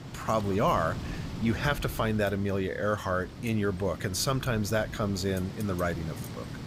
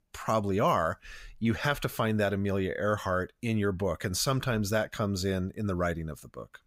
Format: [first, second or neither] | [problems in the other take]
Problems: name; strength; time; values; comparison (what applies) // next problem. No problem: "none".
second | wind noise on the microphone; occasional gusts; 15 dB below the speech